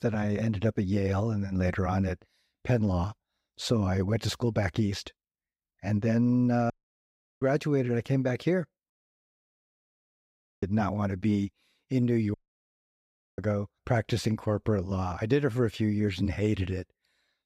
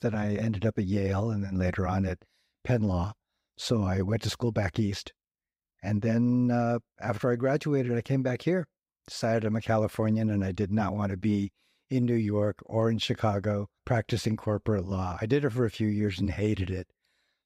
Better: second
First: audio cutting out; at 6.5 s for 0.5 s, at 9 s for 1.5 s and at 12 s for 1 s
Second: none

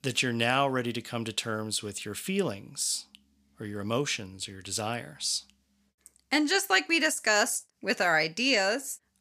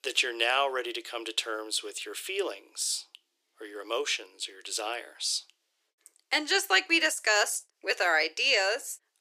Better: first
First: none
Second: thin; very; fading below 350 Hz

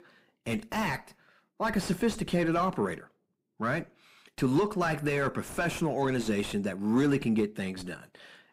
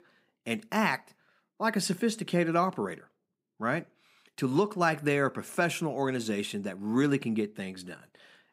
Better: second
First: distortion; heavy; 4 dB below the speech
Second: none

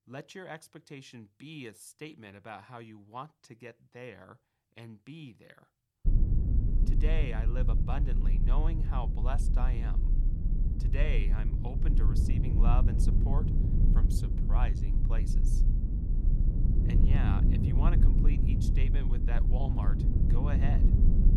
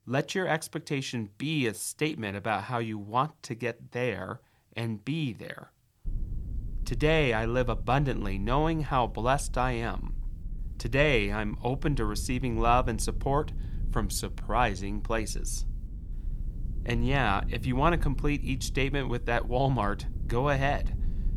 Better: second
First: low rumble; loud; from 6 s on; 1 dB below the speech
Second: low rumble; faint; from 6 s on; 25 dB below the speech

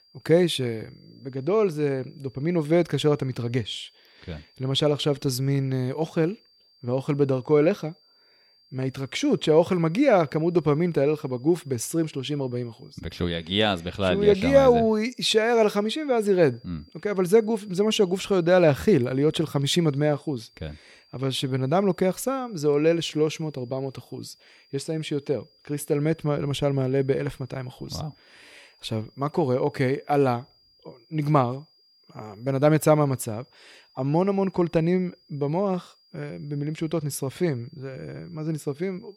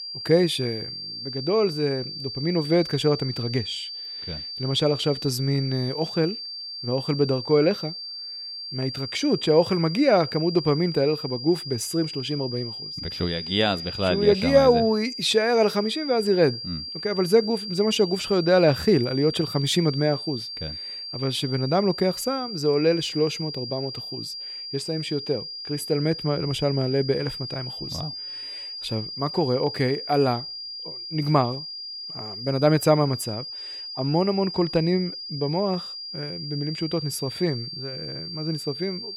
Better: first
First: high-pitched whine; faint; throughout; 4.5 kHz, 35 dB below the speech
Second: high-pitched whine; loud; throughout; 4.5 kHz, 8 dB below the speech

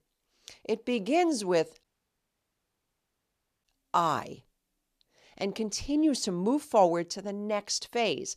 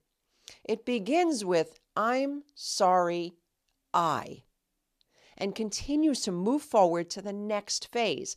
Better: second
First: audio cutting out; at 2 s for 2 s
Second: none

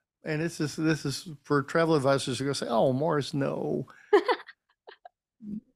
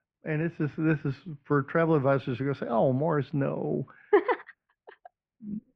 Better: first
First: none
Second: muffled; very; fading above 2.5 kHz

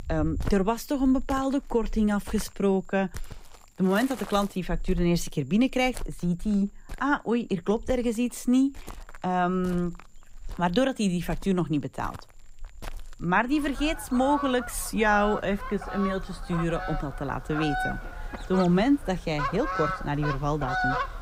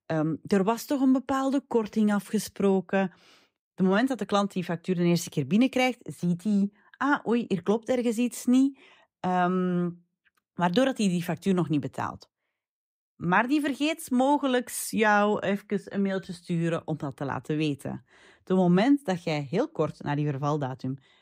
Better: second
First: animal sounds; loud; throughout; 10 dB below the speech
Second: none

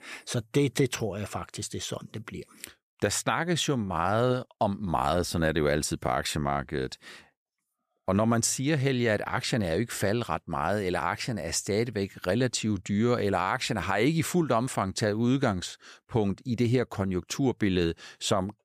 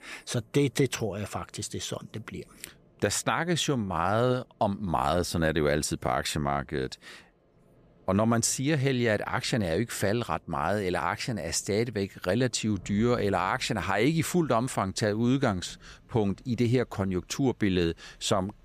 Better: first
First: none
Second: rain or running water; faint; throughout; 30 dB below the speech

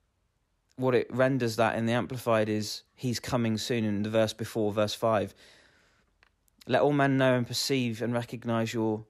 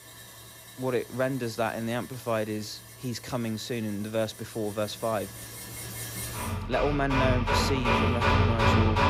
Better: first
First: none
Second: machinery noise; very loud; throughout; 4 dB above the speech

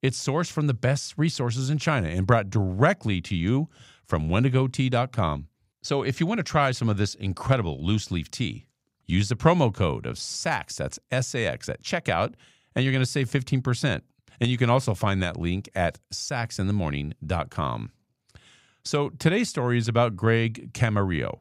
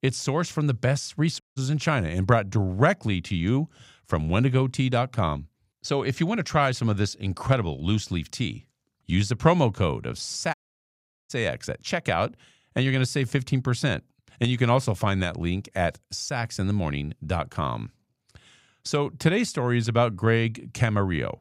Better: first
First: none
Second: audio cutting out; at 1.5 s and at 11 s for 1 s

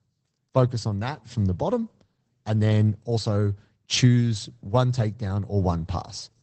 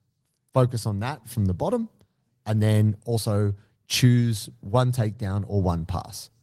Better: second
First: garbled, watery; badly; nothing above 8 kHz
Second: garbled, watery; slightly; nothing above 16 kHz

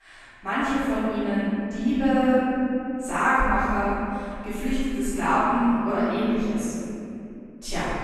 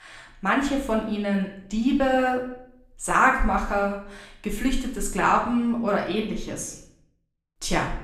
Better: second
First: room echo; strong; dies away in 2.9 s // off-mic speech; far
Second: room echo; slight; dies away in 0.6 s // off-mic speech; far

